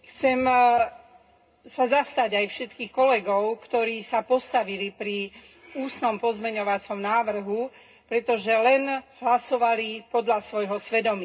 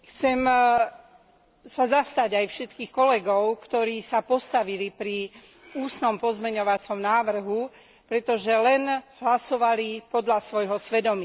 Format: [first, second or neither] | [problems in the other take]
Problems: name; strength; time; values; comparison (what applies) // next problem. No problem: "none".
second | room echo; dies away in 0.2 s